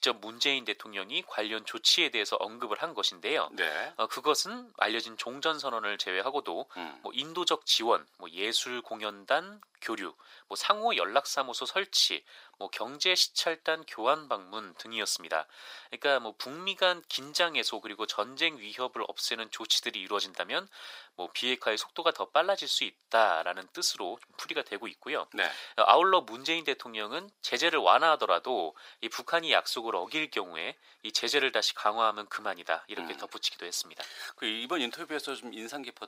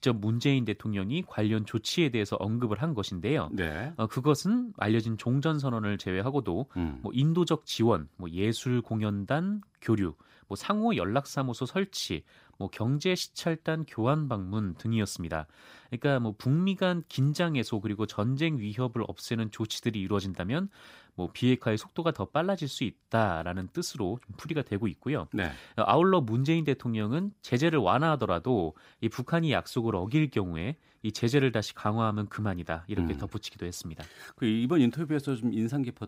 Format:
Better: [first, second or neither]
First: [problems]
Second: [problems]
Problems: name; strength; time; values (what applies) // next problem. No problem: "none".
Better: second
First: thin; very; fading below 550 Hz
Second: none